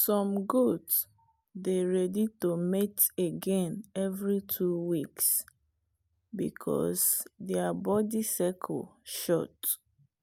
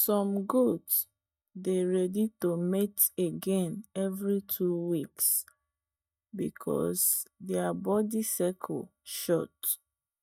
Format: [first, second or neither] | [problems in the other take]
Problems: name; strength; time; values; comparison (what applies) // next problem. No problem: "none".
first | noise reduction (neural mask model DeepFilterNet 3)